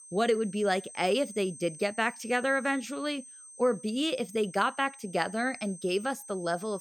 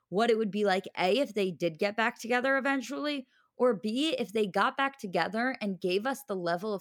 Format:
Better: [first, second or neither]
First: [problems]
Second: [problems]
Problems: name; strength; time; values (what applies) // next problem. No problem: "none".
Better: second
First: high-pitched whine; noticeable; throughout; 8.5 kHz, 15 dB below the speech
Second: none